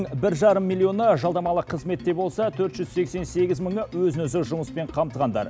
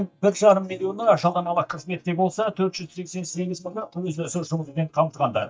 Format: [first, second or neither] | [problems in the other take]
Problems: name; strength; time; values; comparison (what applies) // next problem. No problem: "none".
first | noise reduction (neural mask model DeepFilterNet 3)